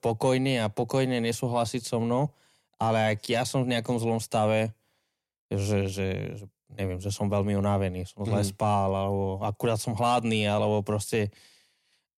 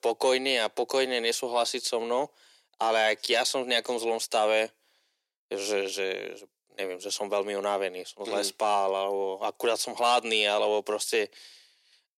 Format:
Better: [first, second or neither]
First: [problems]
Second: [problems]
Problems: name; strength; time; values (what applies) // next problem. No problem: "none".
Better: first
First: none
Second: thin; very; fading below 350 Hz